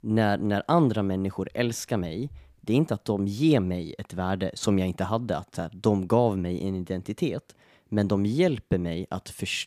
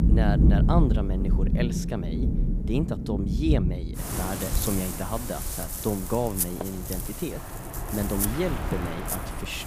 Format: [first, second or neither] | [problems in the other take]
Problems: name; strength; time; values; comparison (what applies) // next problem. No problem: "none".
first | rain or running water; very loud; throughout; 3 dB above the speech